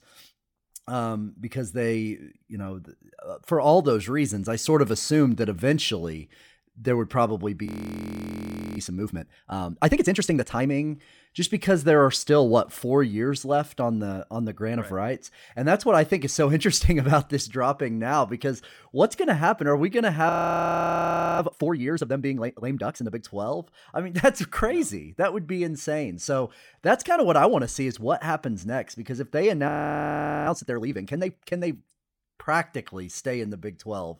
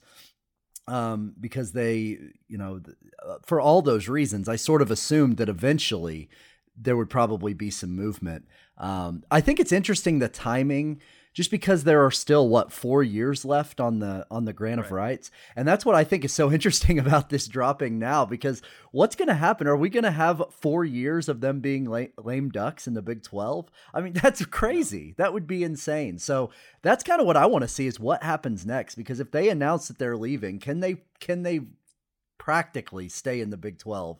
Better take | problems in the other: second | audio freezing; at 7.5 s for 1 s, at 20 s for 1 s and at 30 s for 1 s

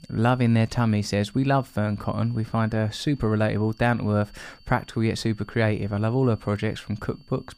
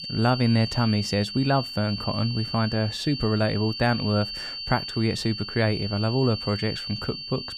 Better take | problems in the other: first | high-pitched whine; loud; throughout; 4.5 kHz, 7 dB below the speech; faint in the first

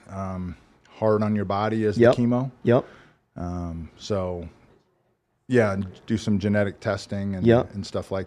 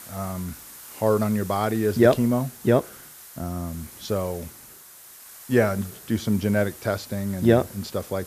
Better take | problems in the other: first | hiss; noticeable; throughout; 15 dB below the speech

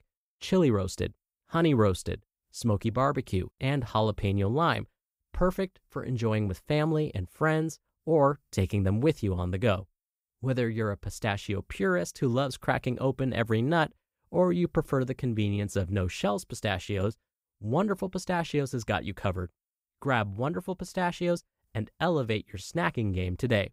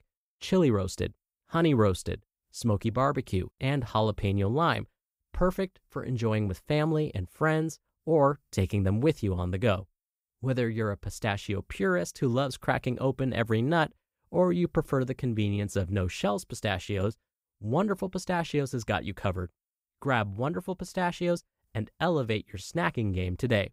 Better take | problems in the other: neither | none

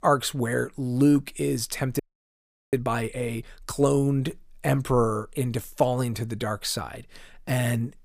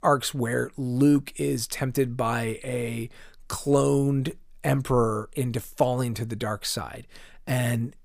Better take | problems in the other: second | audio freezing; at 2 s for 0.5 s

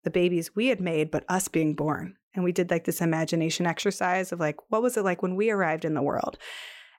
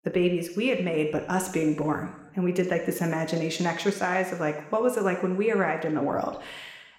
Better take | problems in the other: first | room echo; slight; dies away in 1 s

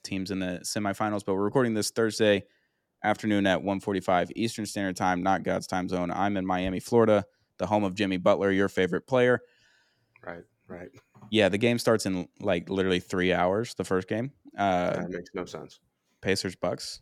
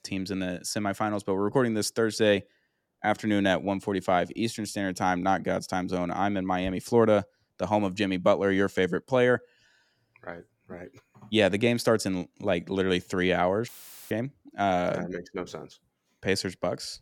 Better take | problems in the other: first | audio cutting out; filled with static; at 14 s

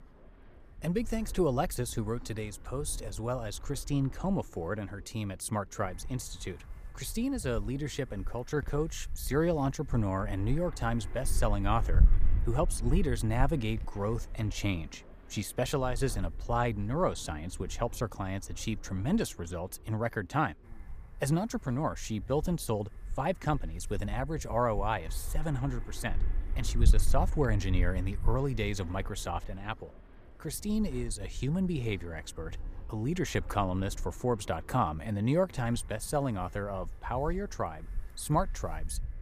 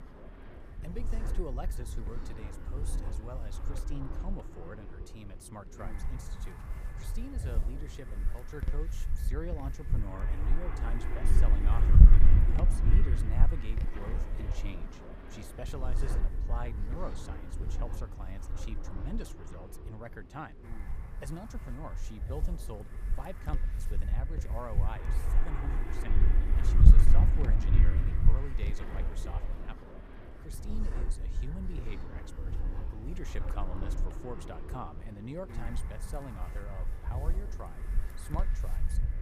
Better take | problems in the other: first | wind noise on the microphone; heavy; 1 dB below the speech; occasional gusts in the first

